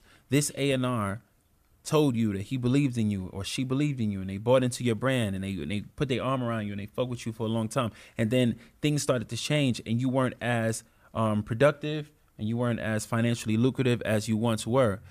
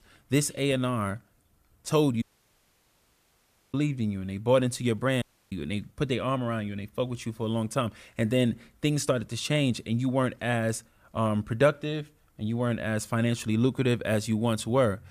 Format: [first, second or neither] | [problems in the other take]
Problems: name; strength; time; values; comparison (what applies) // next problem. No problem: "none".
first | audio cutting out; at 2 s for 1.5 s and at 5 s